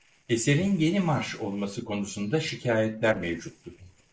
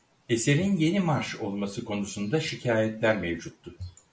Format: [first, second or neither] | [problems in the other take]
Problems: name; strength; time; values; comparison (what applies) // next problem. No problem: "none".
second | noise reduction (neural separator model SepFormer DNS4)